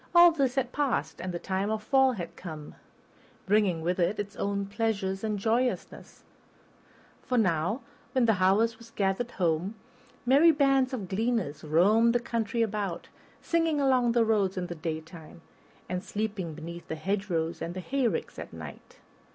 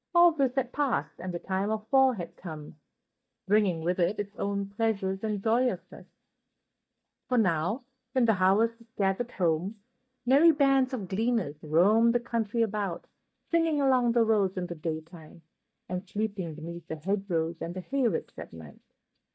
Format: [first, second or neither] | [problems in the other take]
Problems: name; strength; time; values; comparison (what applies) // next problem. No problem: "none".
first | noise reduction (neural mask model DeepFilterNet 3)